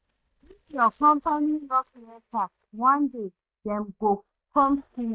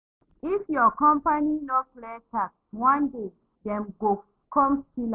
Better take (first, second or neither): second